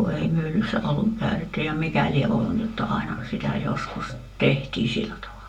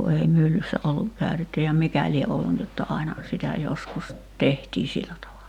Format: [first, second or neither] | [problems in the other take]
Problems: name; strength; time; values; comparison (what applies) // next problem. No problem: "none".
second | room echo; dies away in 0.2 s